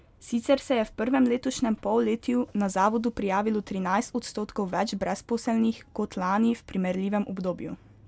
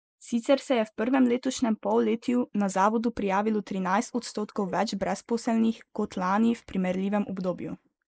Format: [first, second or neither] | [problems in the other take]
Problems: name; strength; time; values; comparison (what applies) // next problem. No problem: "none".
first | noise reduction (neural mask model Resemble Enhance denoiser)